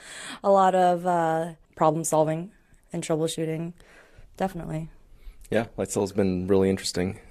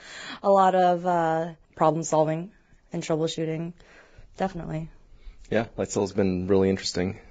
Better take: first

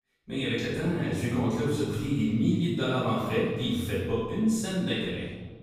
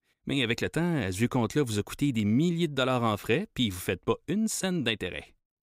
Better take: second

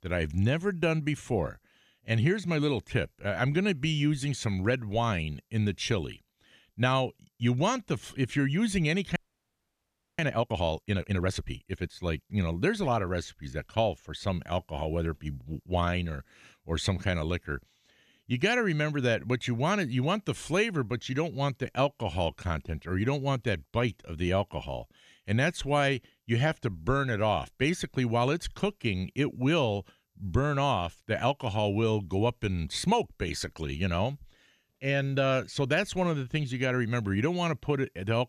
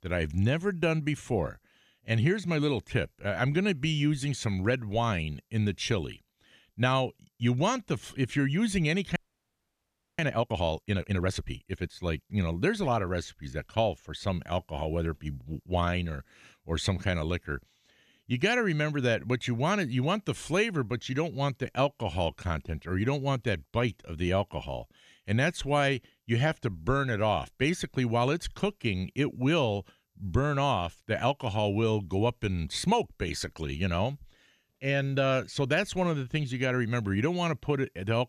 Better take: neither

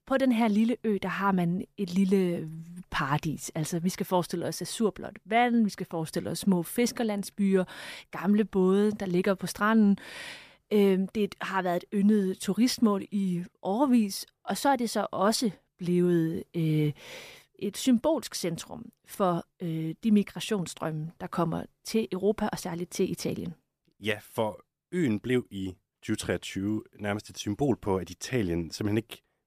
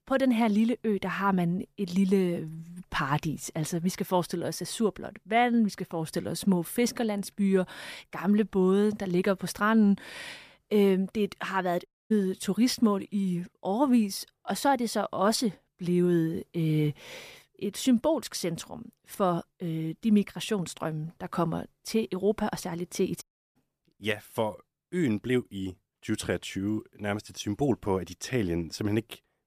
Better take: first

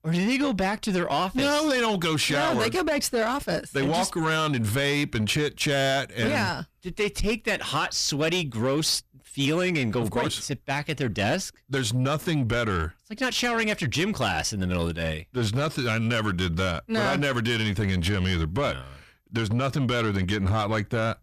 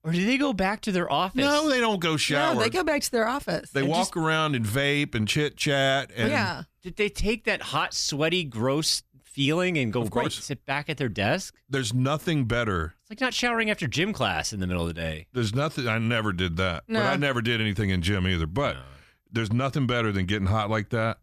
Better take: second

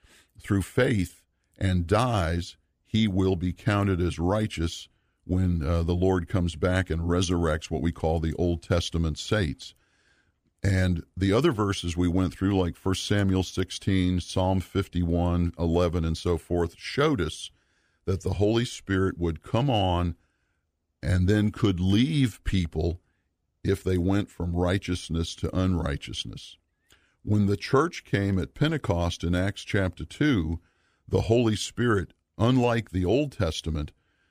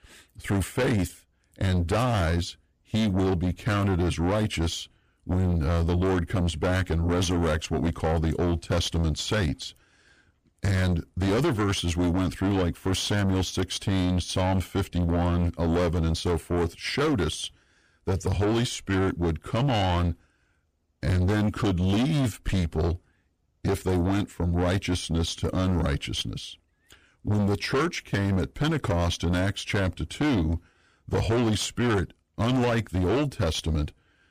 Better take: first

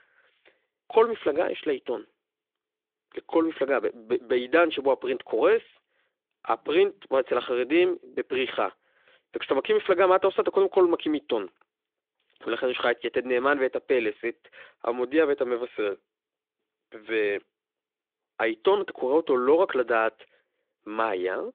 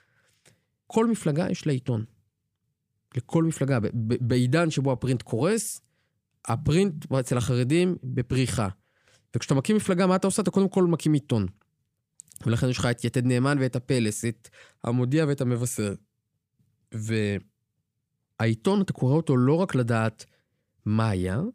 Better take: second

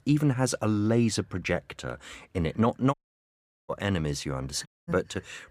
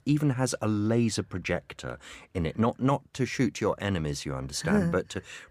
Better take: second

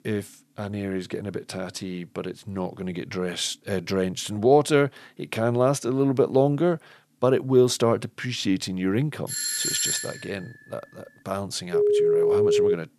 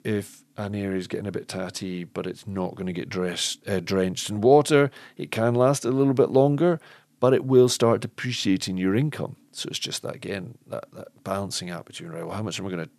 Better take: second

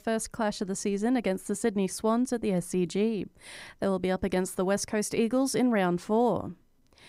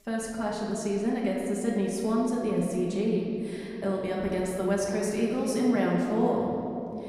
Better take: first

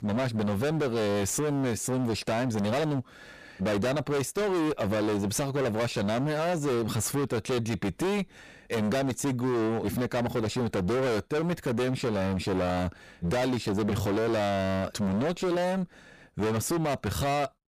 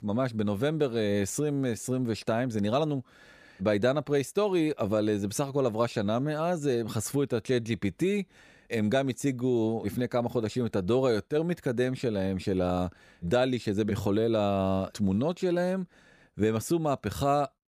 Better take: second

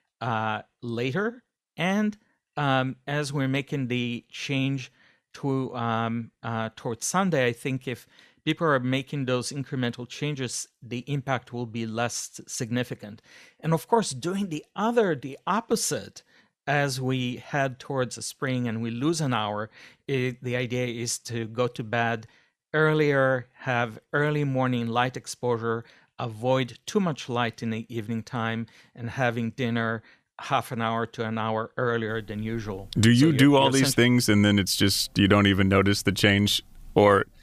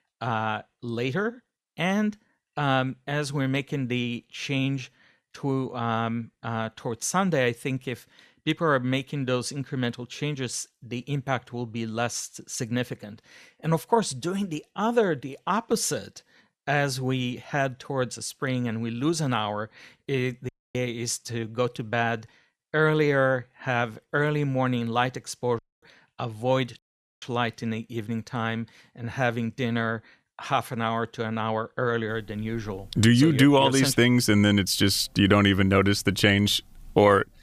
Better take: first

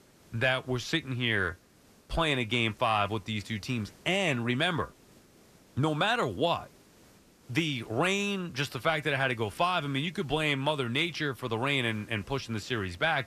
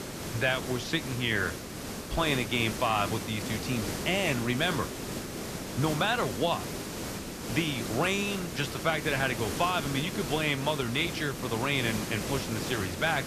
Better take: first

